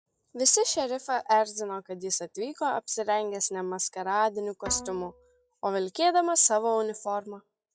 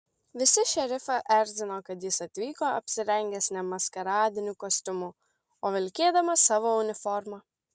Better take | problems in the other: second | noise reduction (classical method log-MMSE)

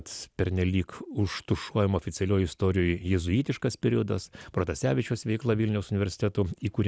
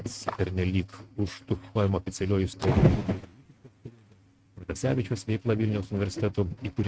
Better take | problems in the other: first | noise reduction (neural mask model RNNoise)

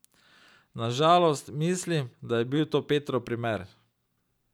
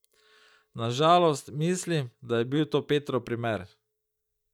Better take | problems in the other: first | noise reduction (neural mask model DeepFilterNet 3)

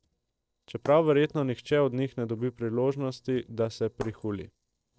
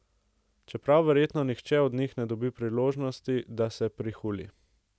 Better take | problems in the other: second | noise reduction (neural separator model SepFormer DNS4)

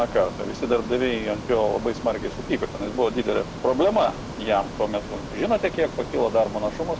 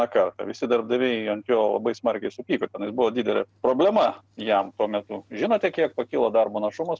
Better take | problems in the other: second | background sound (Ocean); 10 dB below the speech

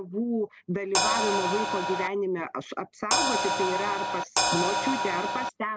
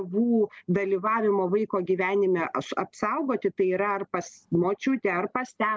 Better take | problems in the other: second | background sound (Crash cymbal); 4 dB above the speech

